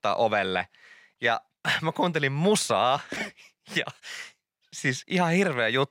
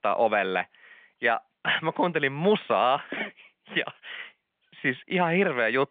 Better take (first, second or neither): first